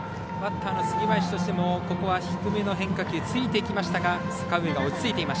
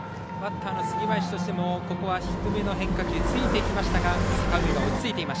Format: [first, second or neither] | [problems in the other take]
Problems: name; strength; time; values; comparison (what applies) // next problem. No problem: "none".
first | background sound (Motorcycle); 1 dB above the speech